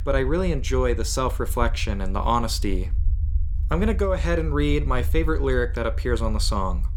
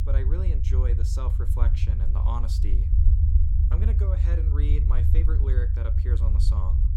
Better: first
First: low rumble; faint; throughout; 20 dB below the speech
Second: low rumble; loud; throughout; 1 dB below the speech

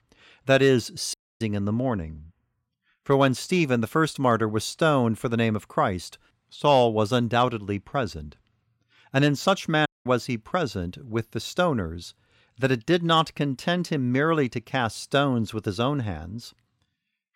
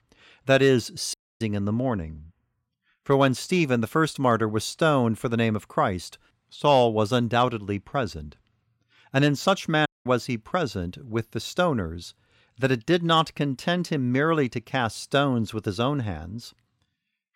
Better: neither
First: audio cutting out; at 1 s and at 10 s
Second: audio cutting out; at 1 s and at 10 s

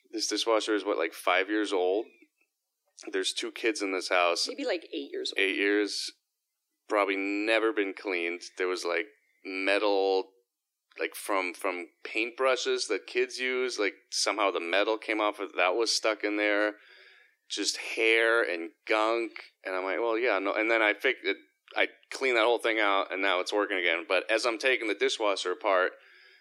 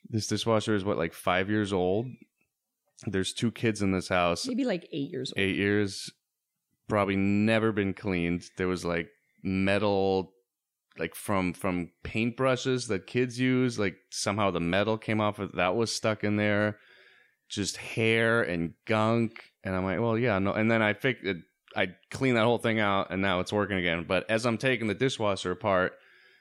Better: second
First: thin; somewhat; fading below 300 Hz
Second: none

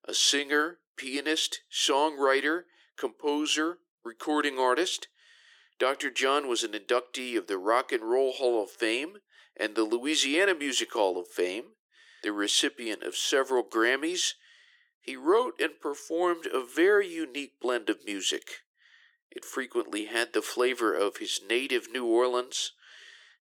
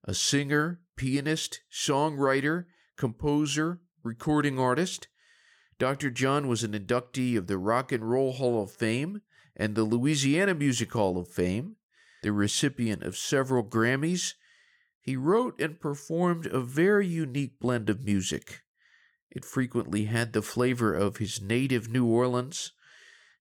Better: second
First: thin; somewhat; fading below 350 Hz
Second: none

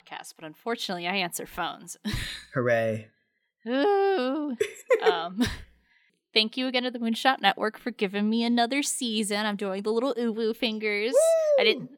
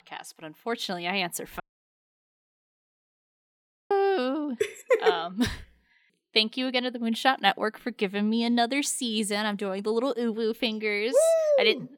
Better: first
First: none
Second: audio cutting out; at 1.5 s for 2.5 s

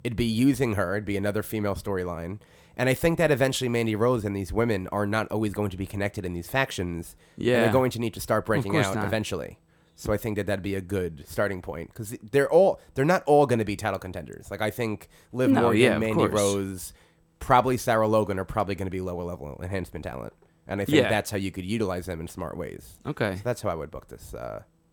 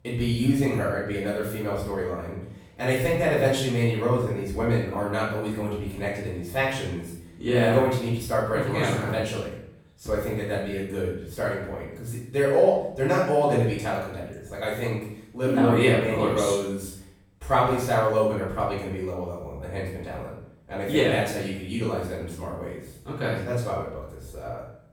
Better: first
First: none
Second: off-mic speech; far // room echo; noticeable; dies away in 0.6 s

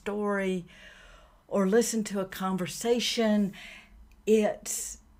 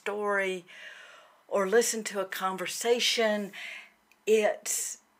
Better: first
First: none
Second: thin; somewhat; fading below 400 Hz

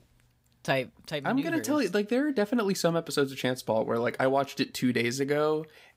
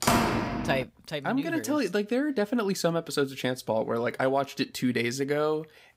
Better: first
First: none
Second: door banging; loud; at the start; peak 5 dB above the speech

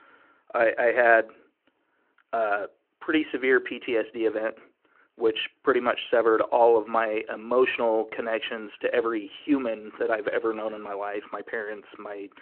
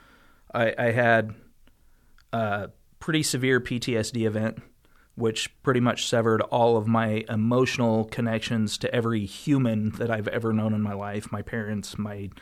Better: second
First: phone-call audio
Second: none

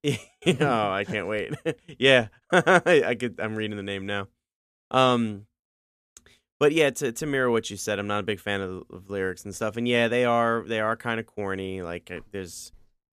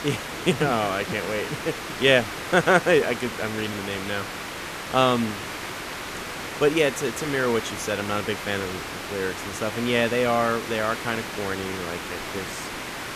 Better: first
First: none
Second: hiss; loud; throughout; 7 dB below the speech

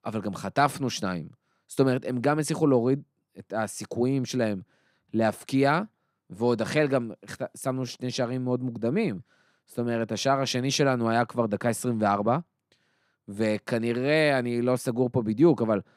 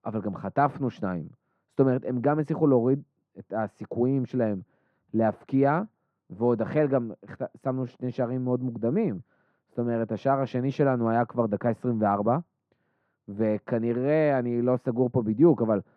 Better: first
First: none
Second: muffled; very; fading above 3 kHz

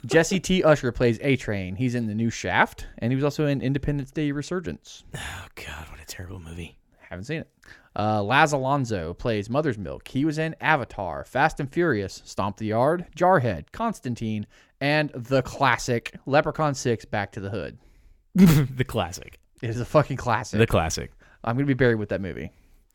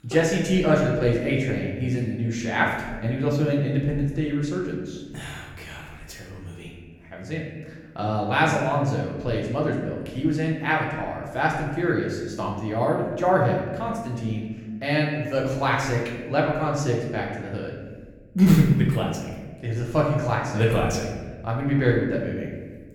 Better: first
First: none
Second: room echo; noticeable; dies away in 1.3 s // off-mic speech; far

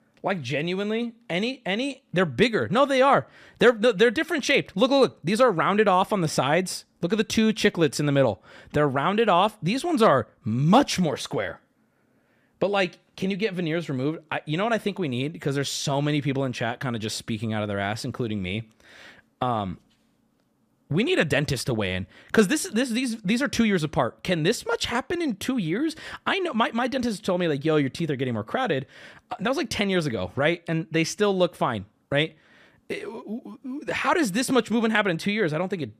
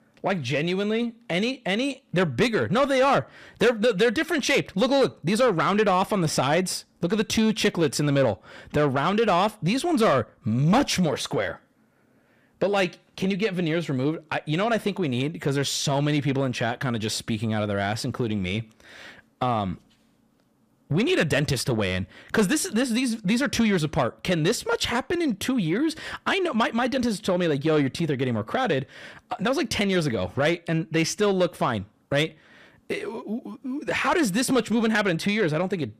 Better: first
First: none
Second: distortion; slight; 10 dB below the speech

